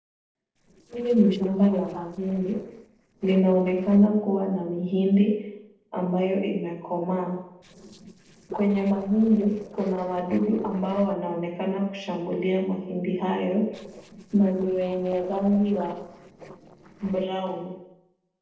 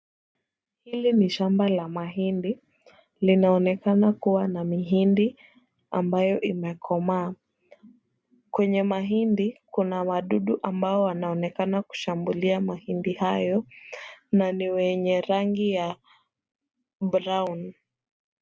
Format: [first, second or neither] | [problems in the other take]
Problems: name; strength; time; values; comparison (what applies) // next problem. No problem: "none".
second | noise reduction (neural separator model SepFormer DNS4)